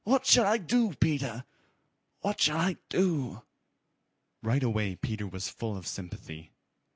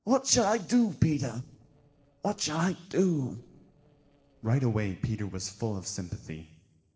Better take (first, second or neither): first